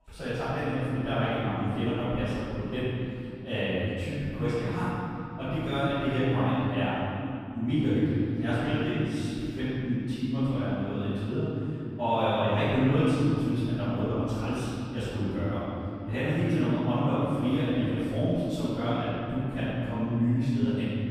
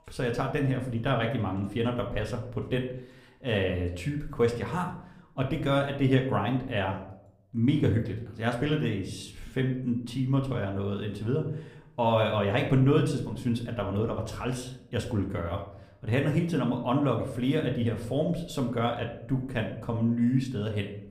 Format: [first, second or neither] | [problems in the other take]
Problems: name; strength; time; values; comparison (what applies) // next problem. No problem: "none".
second | room echo; strong; dies away in 3 s; slight in the second // off-mic speech; far